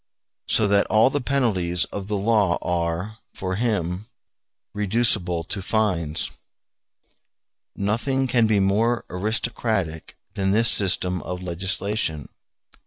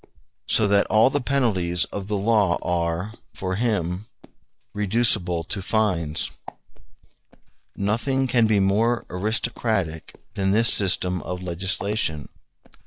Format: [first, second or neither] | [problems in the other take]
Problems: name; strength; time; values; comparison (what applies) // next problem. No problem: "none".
first | background sound (Walk, footsteps); 16 dB below the speech